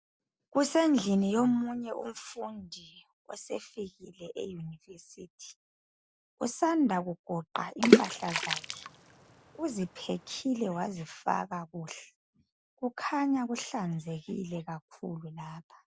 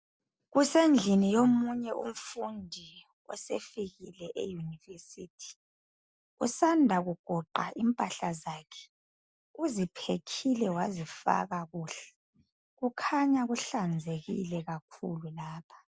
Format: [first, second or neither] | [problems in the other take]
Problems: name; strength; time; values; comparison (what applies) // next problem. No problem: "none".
second | background sound (Water / Splash, splatter); 4 dB above the speech